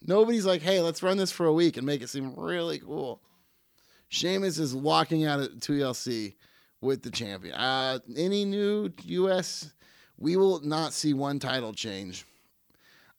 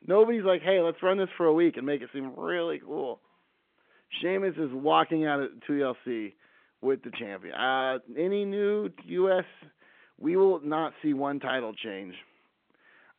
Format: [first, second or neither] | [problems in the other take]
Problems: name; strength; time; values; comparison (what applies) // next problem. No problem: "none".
first | phone-call audio; nothing above 3.5 kHz